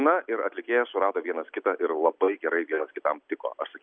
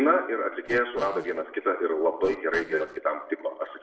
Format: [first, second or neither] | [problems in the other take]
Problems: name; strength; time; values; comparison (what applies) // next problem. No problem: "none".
first | noise reduction (neural separator model SepFormer DNS4)